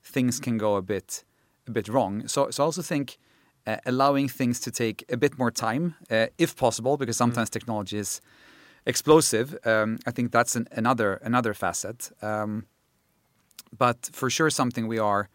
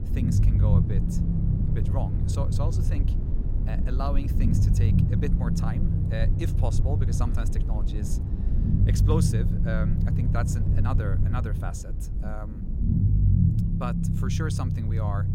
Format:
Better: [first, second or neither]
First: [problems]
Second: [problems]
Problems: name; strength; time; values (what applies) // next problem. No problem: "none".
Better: first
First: none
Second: low rumble; loud; throughout; as loud as the speech